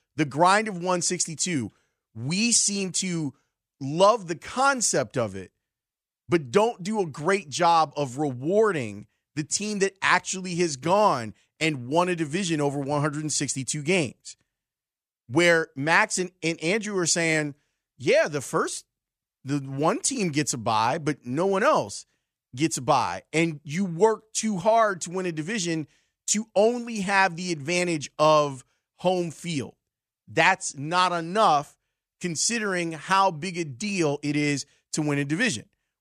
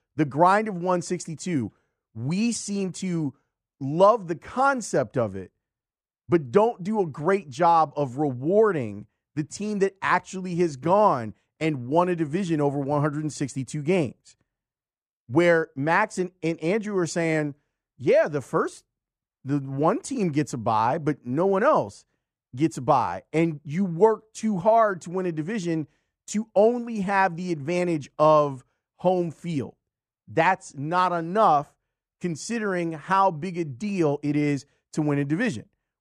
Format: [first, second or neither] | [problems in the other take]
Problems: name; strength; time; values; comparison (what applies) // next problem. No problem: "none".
first | muffled; slightly; fading above 2 kHz